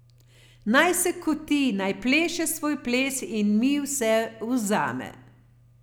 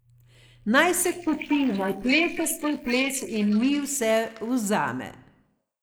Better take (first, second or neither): first